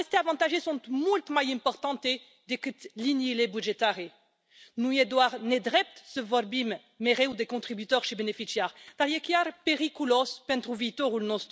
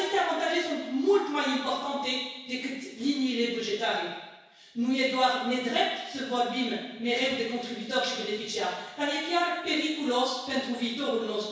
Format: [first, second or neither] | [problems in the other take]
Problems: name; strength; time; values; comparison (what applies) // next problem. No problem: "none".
first | room echo; dies away in 1.1 s